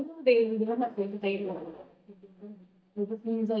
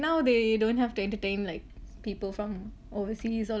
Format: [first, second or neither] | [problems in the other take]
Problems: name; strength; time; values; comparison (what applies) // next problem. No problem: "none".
second | noise reduction (neural mask model DeepFilterNet 3)